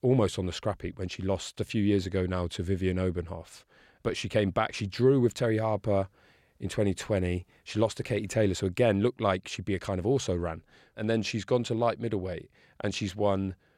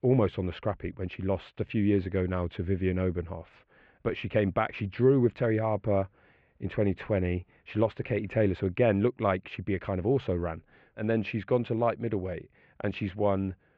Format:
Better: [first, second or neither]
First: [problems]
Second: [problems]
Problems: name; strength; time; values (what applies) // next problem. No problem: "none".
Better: first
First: none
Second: muffled; very; fading above 2.5 kHz